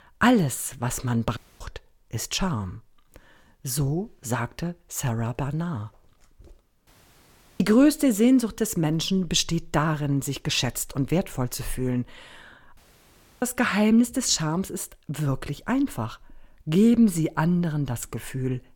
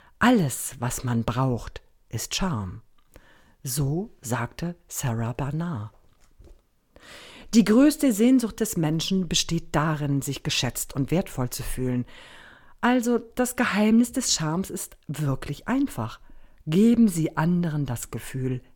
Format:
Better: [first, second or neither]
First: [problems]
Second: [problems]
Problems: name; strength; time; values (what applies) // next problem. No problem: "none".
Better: second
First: audio cutting out; at 1.5 s, at 7 s for 0.5 s and at 13 s for 0.5 s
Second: none